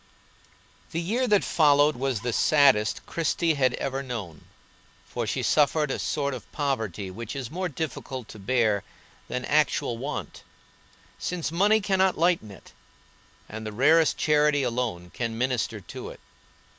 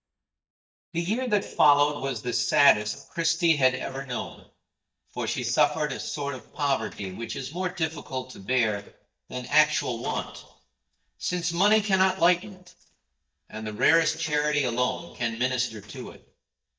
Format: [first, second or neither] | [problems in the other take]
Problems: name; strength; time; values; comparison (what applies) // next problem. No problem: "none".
first | noise reduction (neural mask model DeepFilterNet 3)